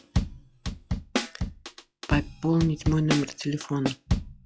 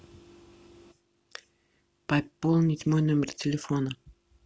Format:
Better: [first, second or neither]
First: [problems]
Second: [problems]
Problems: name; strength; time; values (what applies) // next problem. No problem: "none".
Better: second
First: noise reduction (classical method log-MMSE)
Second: none